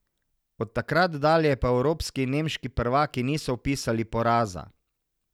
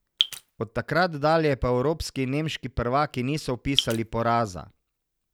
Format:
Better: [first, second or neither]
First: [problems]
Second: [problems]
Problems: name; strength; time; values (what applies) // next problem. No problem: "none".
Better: first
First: none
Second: background sound (Drip); 2 dB below the speech